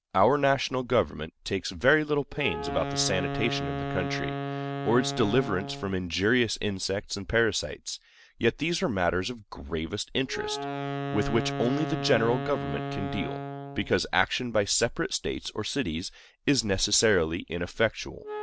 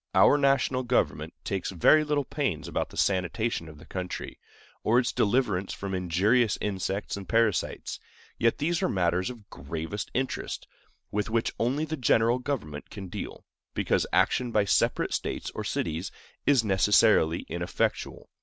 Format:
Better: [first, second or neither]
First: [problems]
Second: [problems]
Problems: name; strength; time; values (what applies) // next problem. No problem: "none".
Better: second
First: background sound (Wind instrument, woodwind instrument); 8 dB below the speech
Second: none